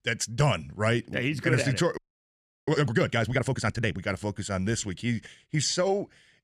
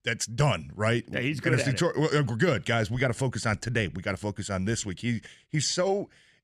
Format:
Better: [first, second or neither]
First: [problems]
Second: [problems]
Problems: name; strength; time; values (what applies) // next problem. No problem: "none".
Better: second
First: audio freezing; at 2 s for 0.5 s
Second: none